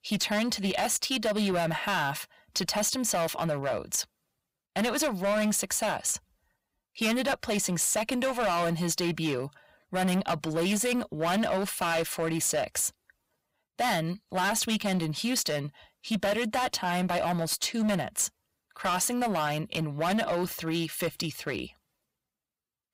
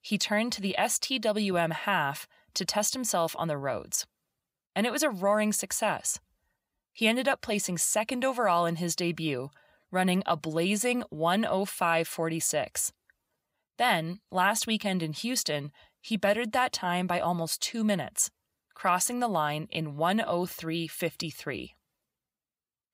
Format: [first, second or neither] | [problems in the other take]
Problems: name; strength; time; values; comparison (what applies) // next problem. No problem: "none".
second | distortion; heavy; 14% of the sound clipped